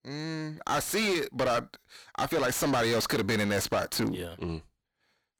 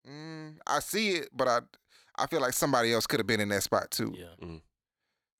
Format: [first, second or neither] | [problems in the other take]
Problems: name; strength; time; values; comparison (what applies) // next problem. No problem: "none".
second | distortion; heavy; 6 dB below the speech